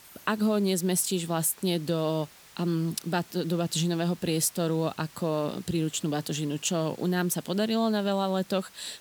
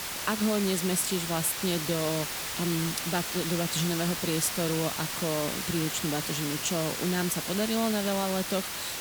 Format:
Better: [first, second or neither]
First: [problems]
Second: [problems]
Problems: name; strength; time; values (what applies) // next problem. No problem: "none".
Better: first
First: hiss; faint; throughout; 25 dB below the speech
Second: hiss; loud; throughout; 2 dB below the speech